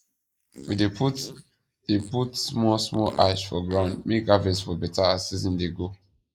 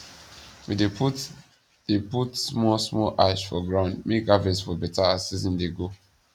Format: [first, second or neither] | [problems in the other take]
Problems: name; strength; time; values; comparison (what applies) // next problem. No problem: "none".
second | noise reduction (neural mask model Resemble Enhance denoiser)